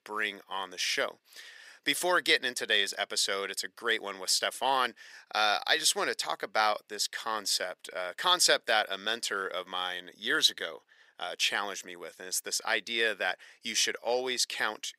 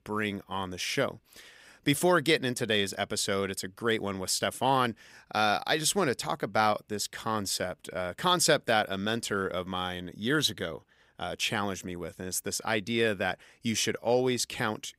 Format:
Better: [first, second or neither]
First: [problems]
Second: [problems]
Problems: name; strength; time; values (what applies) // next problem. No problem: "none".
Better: second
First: thin; somewhat; fading below 500 Hz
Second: none